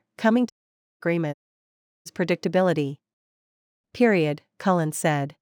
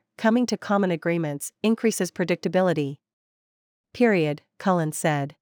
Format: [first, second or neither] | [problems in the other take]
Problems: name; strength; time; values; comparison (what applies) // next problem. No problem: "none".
second | audio cutting out; at 0.5 s for 0.5 s and at 1.5 s for 0.5 s